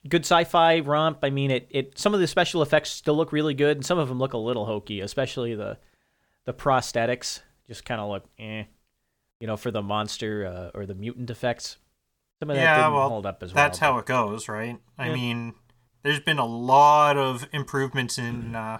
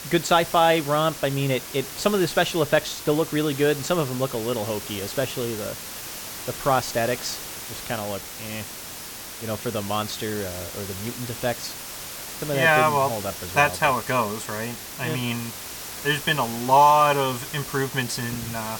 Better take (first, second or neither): first